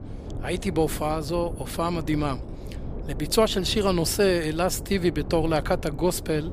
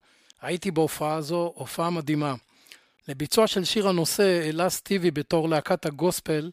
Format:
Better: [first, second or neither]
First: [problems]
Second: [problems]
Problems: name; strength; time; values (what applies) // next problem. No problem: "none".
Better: second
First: wind noise on the microphone; occasional gusts; 15 dB below the speech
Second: none